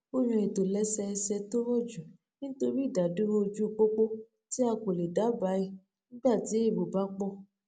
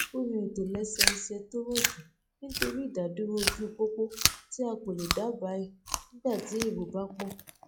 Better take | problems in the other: first | noise reduction (classical method log-MMSE)

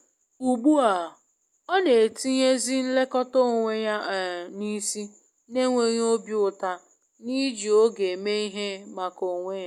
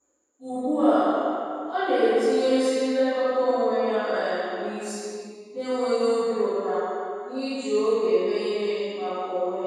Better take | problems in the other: first | room echo; dies away in 2.2 s

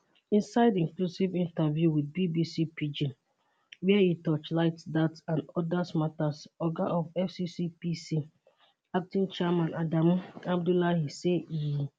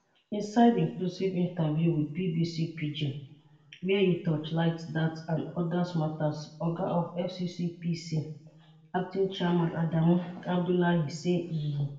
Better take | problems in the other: first | room echo; dies away in 0.6 s

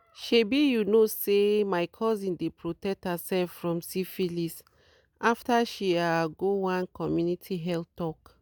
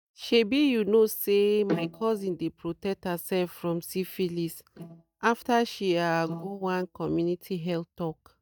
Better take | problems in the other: first | noise reduction (neural mask model DeepFilterNet 3)

